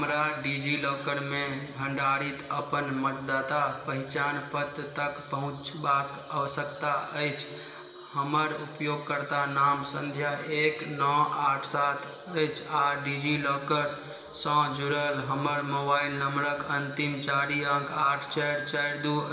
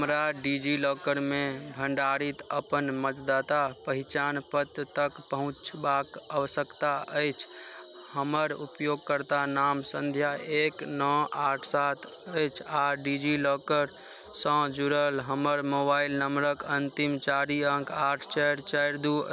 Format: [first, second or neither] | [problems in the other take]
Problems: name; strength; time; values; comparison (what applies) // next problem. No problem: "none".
second | room echo; dies away in 2.1 s